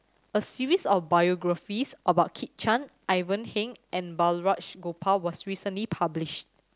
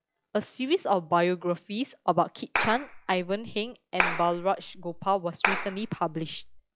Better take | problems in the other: first | noise reduction (classical method log-MMSE)

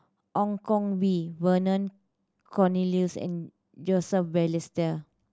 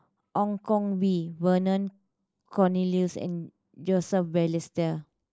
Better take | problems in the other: first | noise reduction (neural mask model Resemble Enhance denoiser)

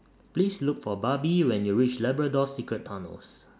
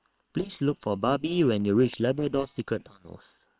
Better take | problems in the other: first | noise reduction (neural separator model SepFormer WHAM!)

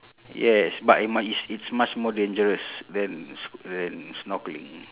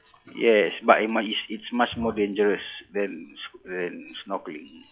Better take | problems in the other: first | noise reduction (classical method log-MMSE)

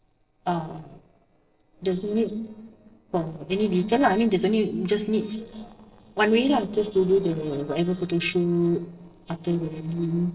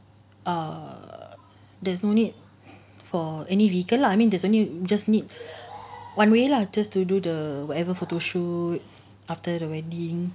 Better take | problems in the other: second | noise reduction (neural separator model SepFormer DNS4)

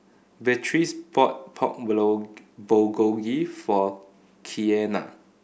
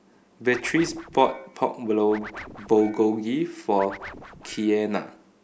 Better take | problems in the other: first | background sound (Scratching (performance technique)); 18 dB below the speech

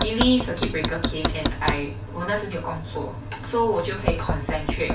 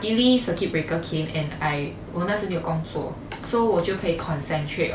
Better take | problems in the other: second | background sound (Knock); 3 dB below the speech // room echo; dies away in 0.2 s

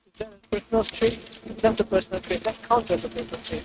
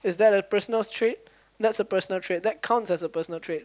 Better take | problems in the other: second | noise reduction (neural mask model RNNoise)

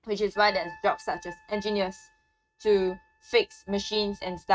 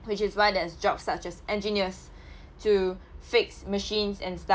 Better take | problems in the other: second | noise reduction (neural mask model RNNoise)

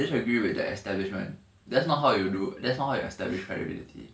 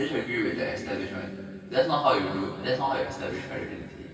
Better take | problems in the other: first | room echo; dies away in 2.5 s

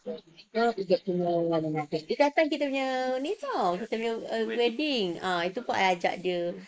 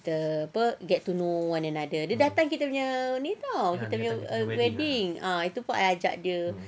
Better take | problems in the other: second | noise reduction (neural mask model Resemble Enhance denoiser)

